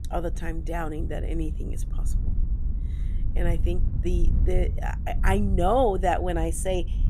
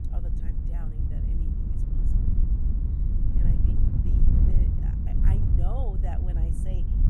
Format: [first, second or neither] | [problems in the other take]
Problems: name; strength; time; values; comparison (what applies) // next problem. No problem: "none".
first | wind noise on the microphone; heavy; 4 dB above the speech; occasional gusts in the first